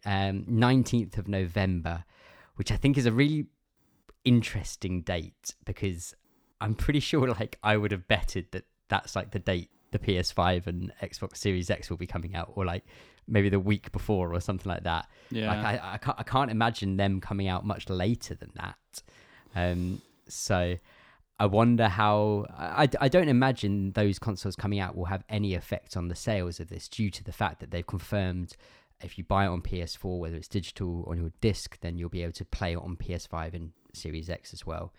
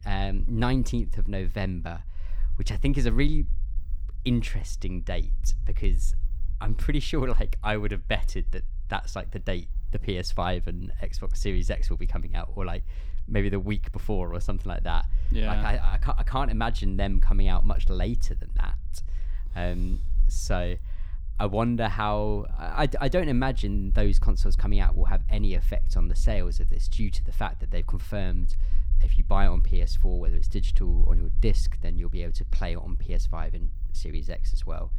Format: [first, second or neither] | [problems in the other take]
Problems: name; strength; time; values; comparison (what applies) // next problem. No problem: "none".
first | low rumble; faint; throughout; 20 dB below the speech